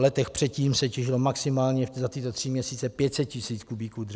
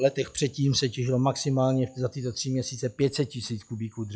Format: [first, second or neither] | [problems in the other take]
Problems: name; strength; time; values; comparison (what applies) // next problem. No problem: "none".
first | noise reduction (classical method log-MMSE)